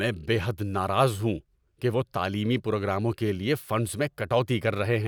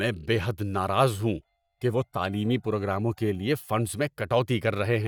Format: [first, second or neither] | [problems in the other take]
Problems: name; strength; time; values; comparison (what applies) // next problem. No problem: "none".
first | noise reduction (neural mask model DeepFilterNet 3)